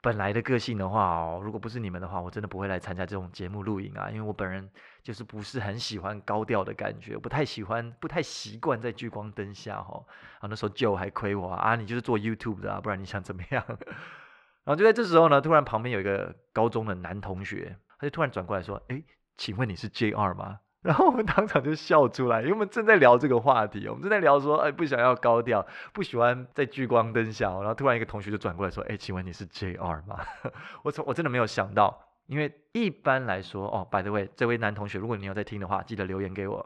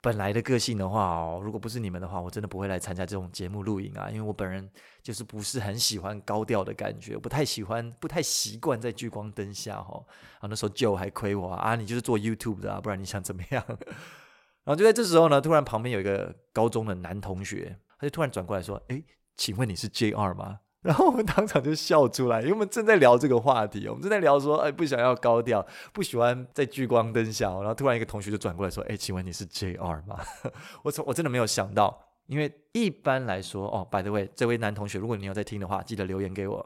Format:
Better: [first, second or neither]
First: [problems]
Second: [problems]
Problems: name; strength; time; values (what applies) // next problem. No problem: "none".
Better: second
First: muffled; slightly; fading above 3 kHz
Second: none